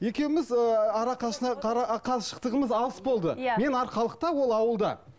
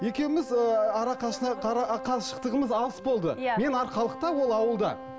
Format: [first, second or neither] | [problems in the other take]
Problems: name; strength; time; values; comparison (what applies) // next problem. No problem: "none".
first | background sound (Wind instrument, woodwind instrument + Wind instrument, woodwind instrument); 13 dB below the speech